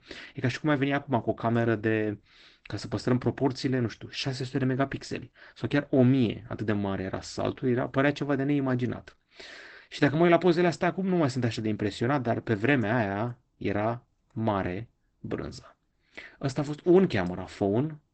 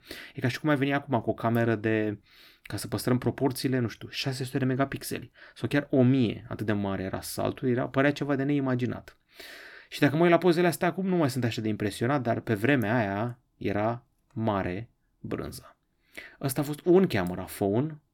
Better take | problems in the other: second | garbled, watery; badly; nothing above 8 kHz

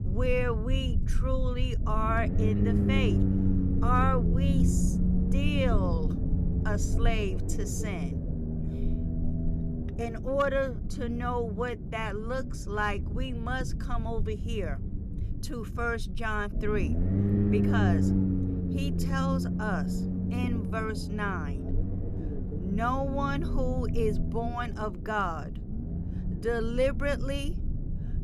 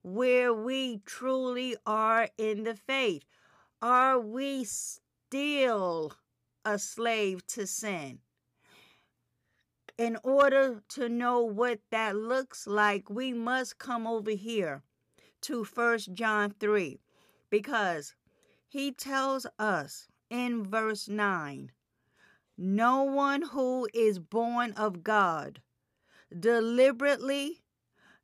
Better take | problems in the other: second | low rumble; loud; throughout; 7 dB below the speech

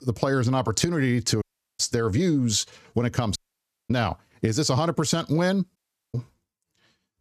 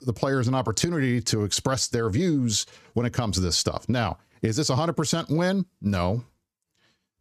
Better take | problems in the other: second | audio cutting out; at 1.5 s, at 3.5 s for 0.5 s and at 6 s

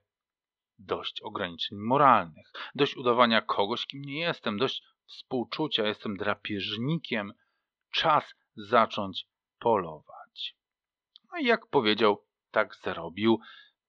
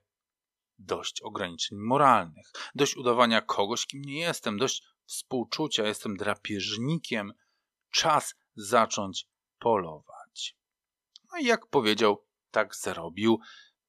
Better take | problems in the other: second | muffled; slightly; fading above 4 kHz

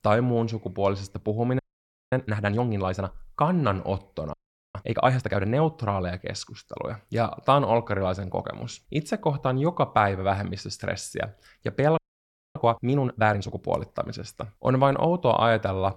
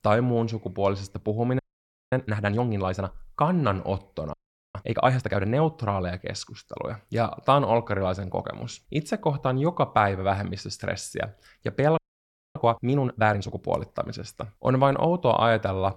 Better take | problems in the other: neither | audio freezing; at 1.5 s for 0.5 s, at 4.5 s and at 12 s for 0.5 s; the same in both

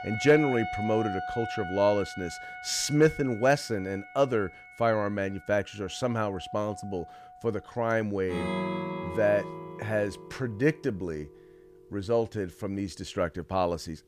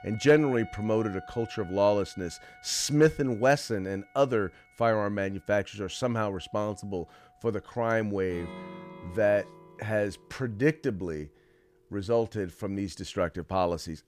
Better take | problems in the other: second | background music; loud; throughout; 9 dB below the speech; faint in the second

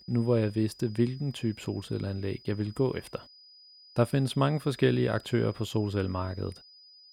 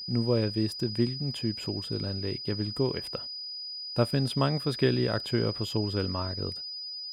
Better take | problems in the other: first | high-pitched whine; loud; throughout; 5 kHz, 5 dB below the speech; faint in the first

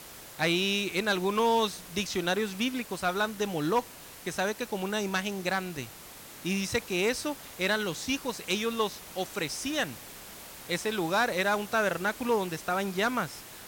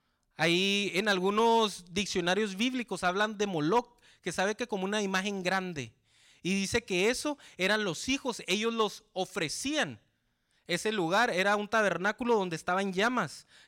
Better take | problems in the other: second | hiss; noticeable; throughout; 15 dB below the speech

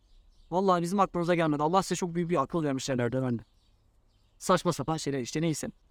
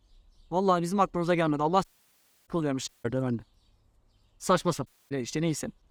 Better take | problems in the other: first | audio cutting out; at 2 s for 0.5 s, at 3 s and at 5 s

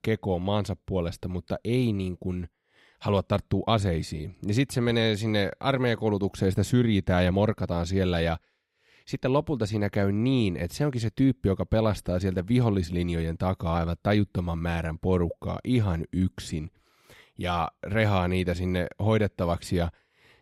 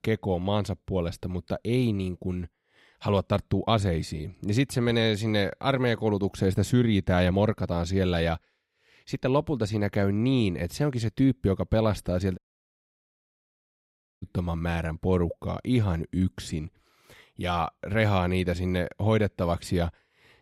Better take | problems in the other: first | audio cutting out; at 12 s for 2 s

